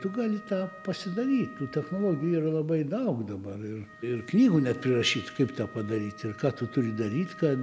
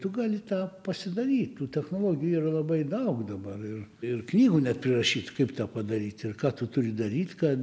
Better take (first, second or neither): second